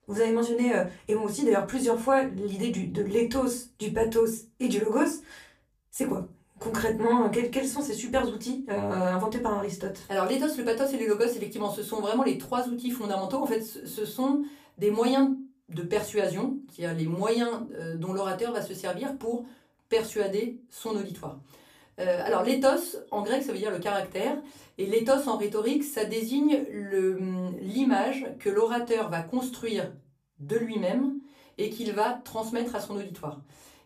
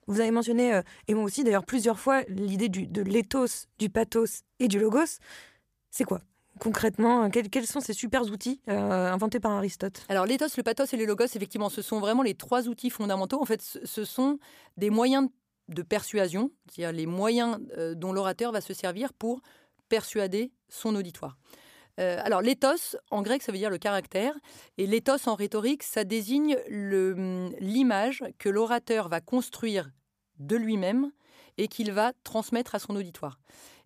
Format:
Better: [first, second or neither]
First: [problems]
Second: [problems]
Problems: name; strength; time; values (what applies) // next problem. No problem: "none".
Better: second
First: off-mic speech; far // room echo; very slight; dies away in 0.3 s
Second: none